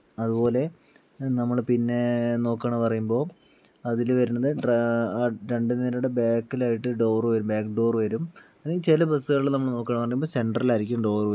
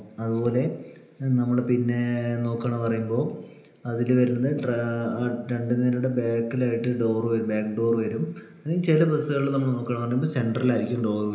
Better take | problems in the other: first | room echo; dies away in 1 s

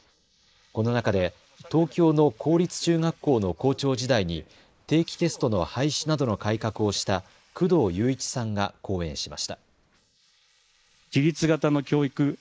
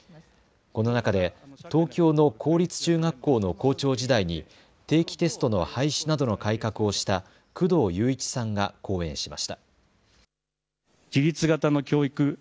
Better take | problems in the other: second | noise reduction (neural mask model Resemble Enhance denoiser)

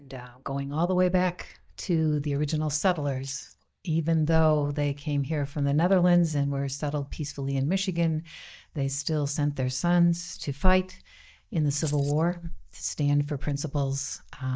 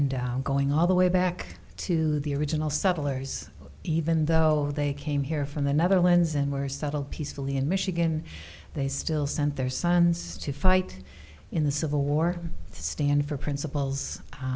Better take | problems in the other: second | noise reduction (neural mask model DeepFilterNet 3)

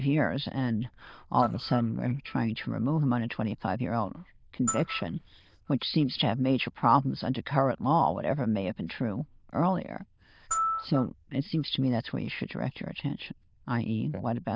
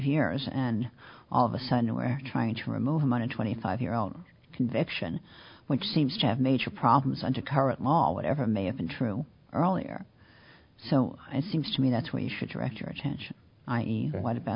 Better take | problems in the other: second | noise reduction (neural diffusion model UNIVERSE++)

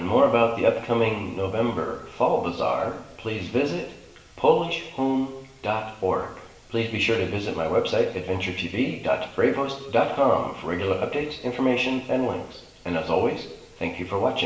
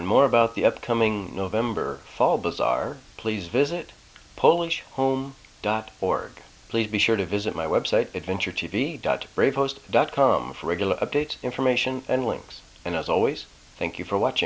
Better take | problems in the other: second | room echo; dies away in 0.8 s

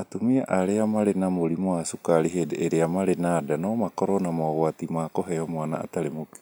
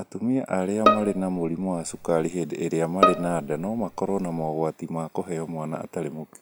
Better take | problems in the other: first | background sound (Bowed string instrument); as loud as the speech

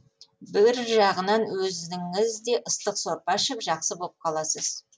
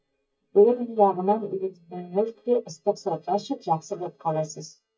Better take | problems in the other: first | noise reduction (neural mask model DeepFilterNet 3)

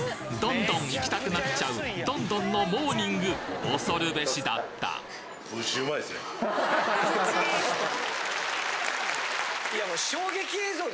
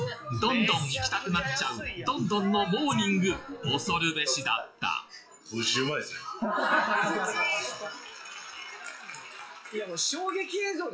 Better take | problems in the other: first | noise reduction (classical method WPE with log-MMSE)

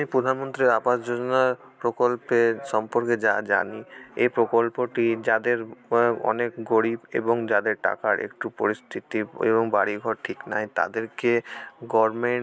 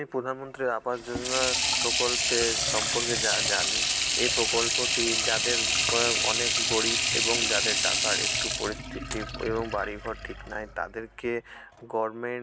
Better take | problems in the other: first | background sound (Sink (filling or washing) / Water tap, faucet); 4 dB above the speech

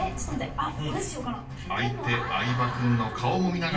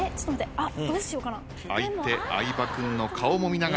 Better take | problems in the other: second | room echo; dies away in 0.3 s

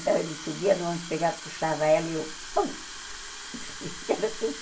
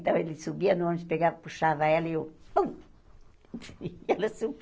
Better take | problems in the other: second | background sound (Fill (with liquid) / Water tap, faucet); 11 dB below the speech // room echo; dies away in 0.2 s

